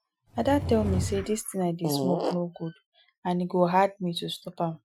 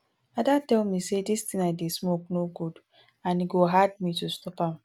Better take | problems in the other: second | noise reduction (classical method Wiener filter)

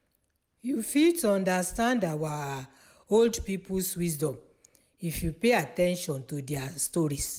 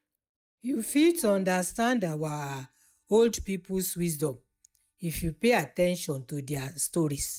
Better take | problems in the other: first | noise reduction (neural mask model DeepFilterNet 3)

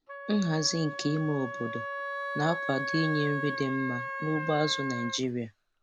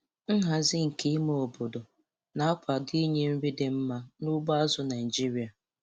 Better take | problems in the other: second | background sound (Wind instrument, woodwind instrument); 6 dB below the speech

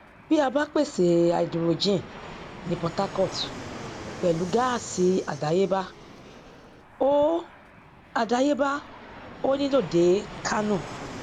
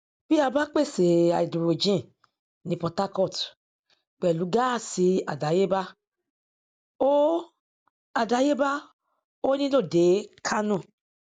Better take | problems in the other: second | background sound (Fixed-wing aircraft, airplane); 15 dB below the speech

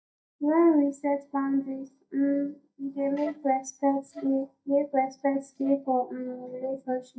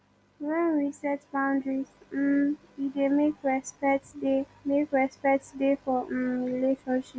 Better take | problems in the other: second | noise reduction (neural mask model DeepFilterNet 3)

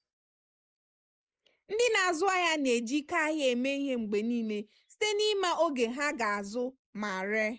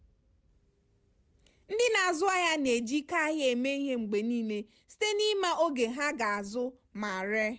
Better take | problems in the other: second | noise reduction (neural mask model Resemble Enhance denoiser)

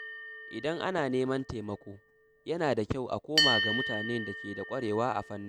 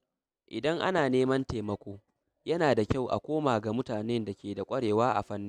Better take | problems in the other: second | background sound (Bell); 2 dB below the speech

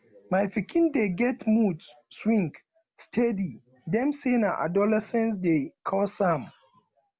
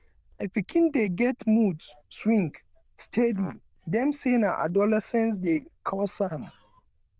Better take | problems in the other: first | noise reduction (neural diffusion model UNIVERSE++)

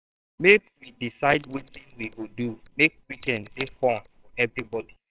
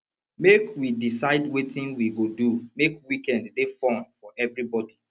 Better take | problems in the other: second | noise reduction (neural separator model SepFormer WHAMR!)

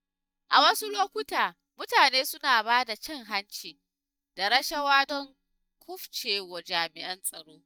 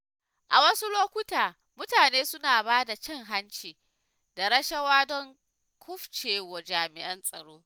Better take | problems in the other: second | noise reduction (neural mask model DeepFilterNet 3)

